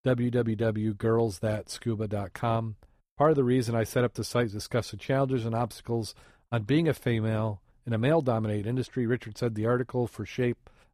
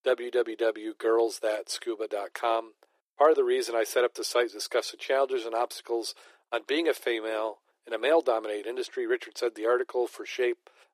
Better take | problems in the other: first | thin; very; fading below 350 Hz

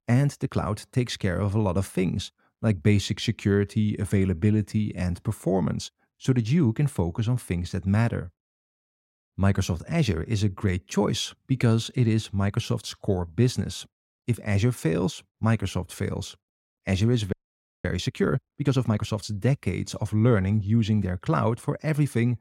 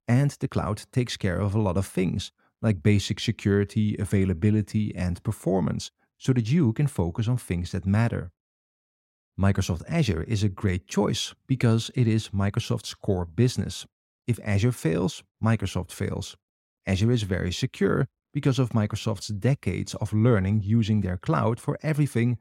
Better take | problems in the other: second | audio freezing; at 17 s for 0.5 s

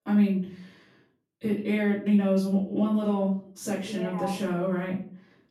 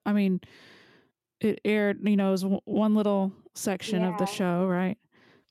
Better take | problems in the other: second | off-mic speech; far // room echo; noticeable; dies away in 0.4 s

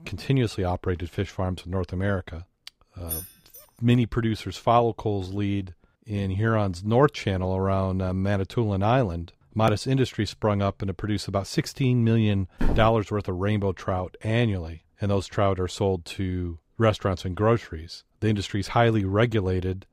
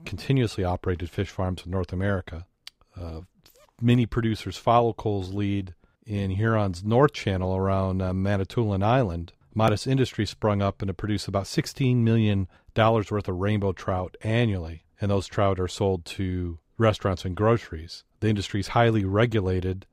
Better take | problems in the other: second | jangling keys; noticeable; at 3 s; peak 7 dB below the speech // footsteps; noticeable; at 13 s; peak 4 dB below the speech

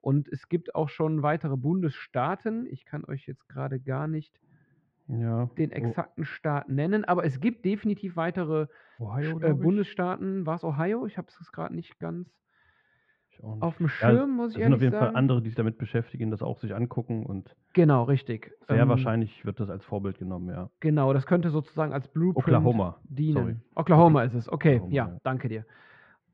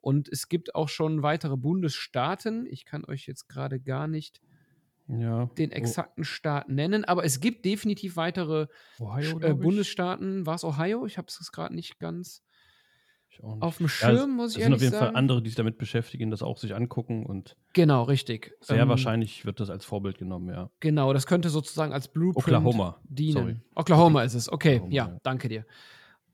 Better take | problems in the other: second | muffled; very; fading above 2 kHz

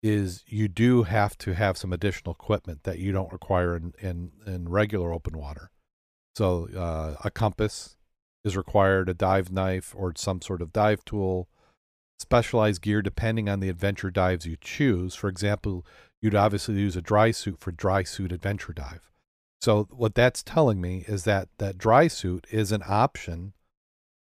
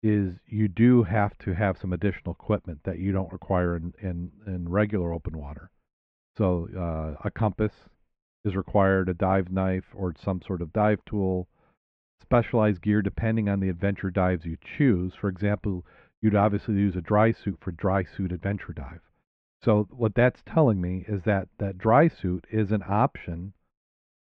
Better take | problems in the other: first | muffled; very; fading above 2.5 kHz

